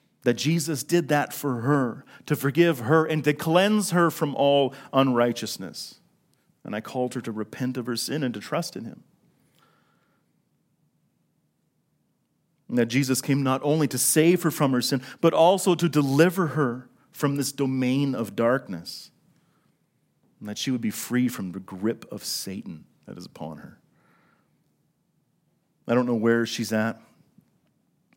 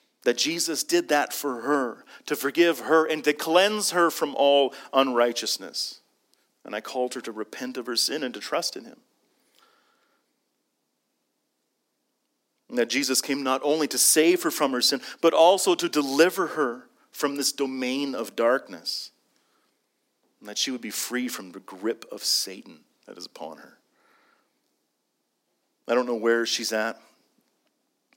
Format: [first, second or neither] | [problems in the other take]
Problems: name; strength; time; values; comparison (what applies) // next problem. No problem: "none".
first | thin; somewhat; fading below 300 Hz